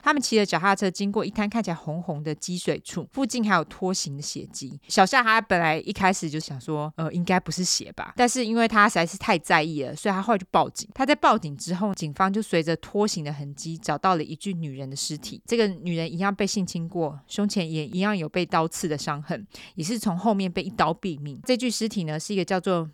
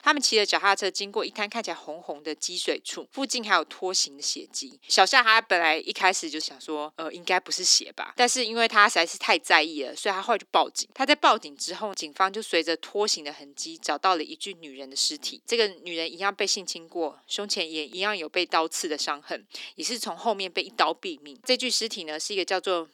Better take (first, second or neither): first